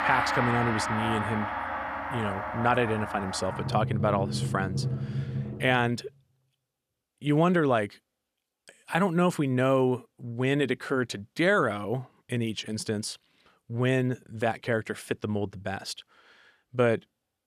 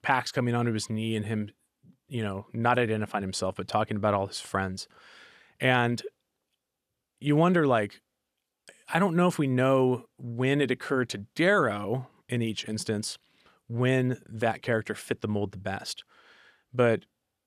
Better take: second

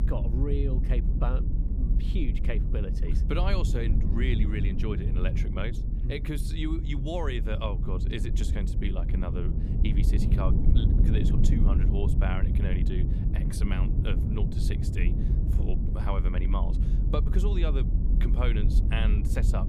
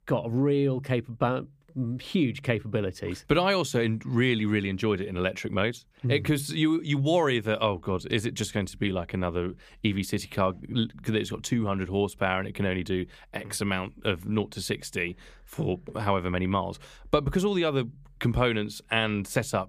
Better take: second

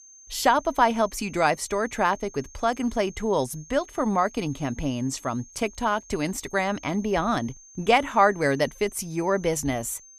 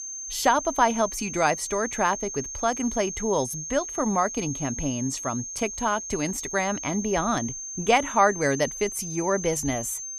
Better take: first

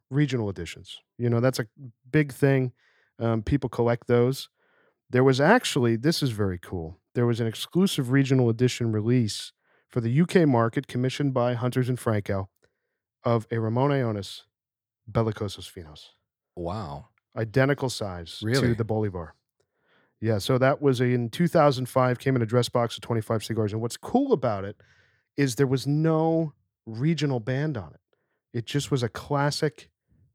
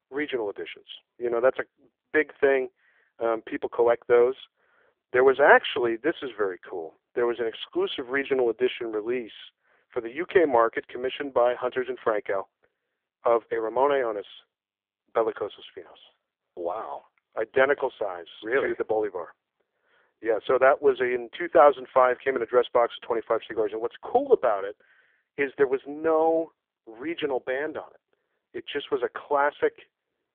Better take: first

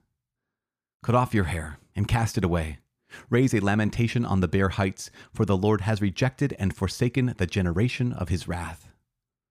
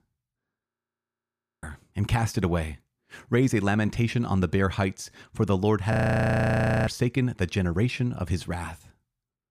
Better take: first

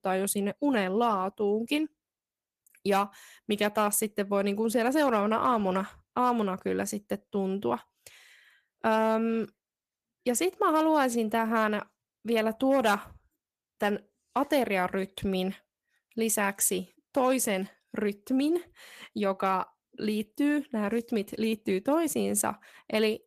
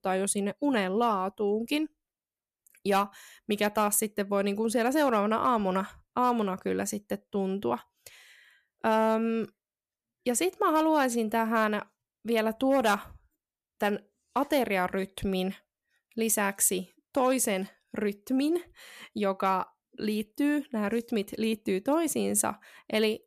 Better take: second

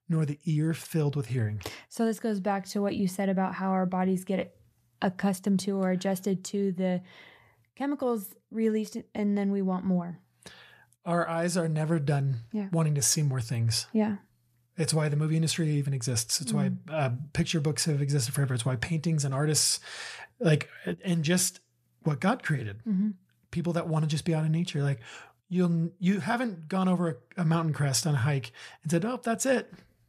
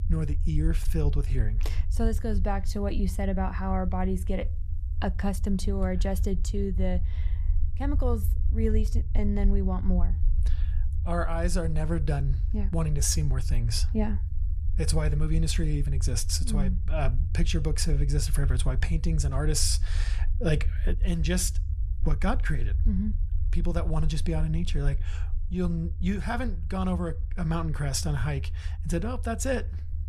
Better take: first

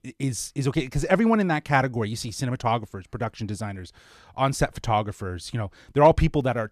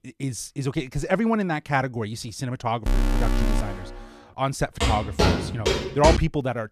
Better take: first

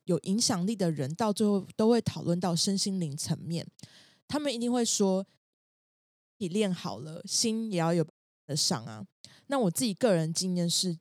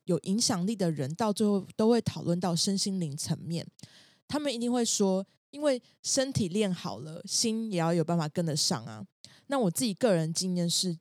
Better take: second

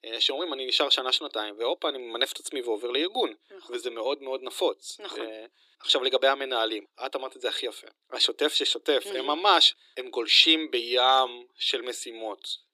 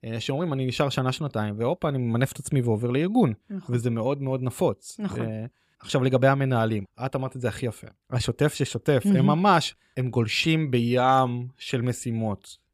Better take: second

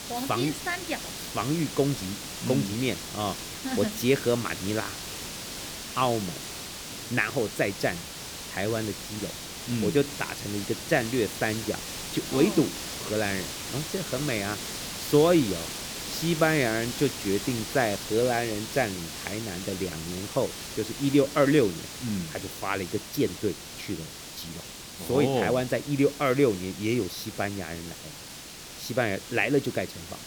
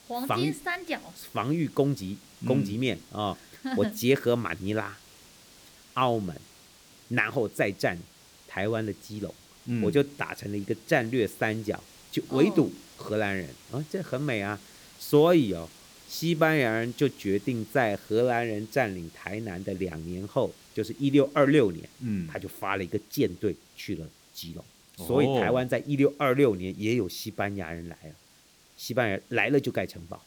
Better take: second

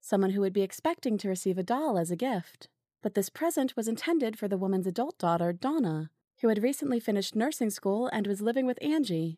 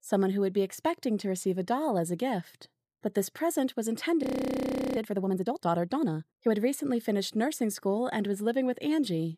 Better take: first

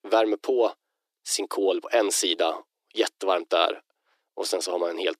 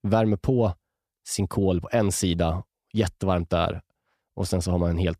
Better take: second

